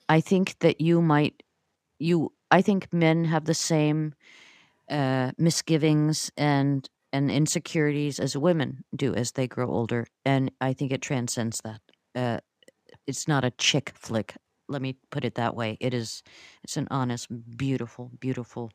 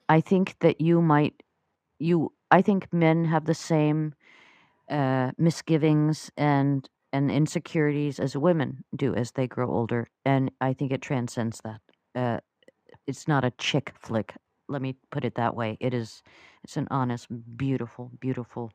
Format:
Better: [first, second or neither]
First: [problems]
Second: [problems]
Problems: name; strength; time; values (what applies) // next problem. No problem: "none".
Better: first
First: none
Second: muffled; slightly; fading above 3 kHz